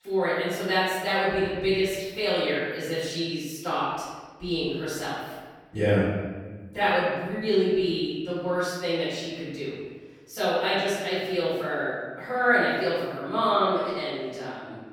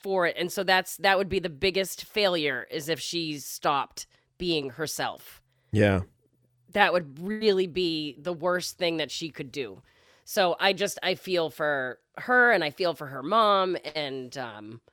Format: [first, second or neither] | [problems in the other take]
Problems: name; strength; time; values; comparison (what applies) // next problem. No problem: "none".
second | room echo; strong; dies away in 1.3 s // off-mic speech; far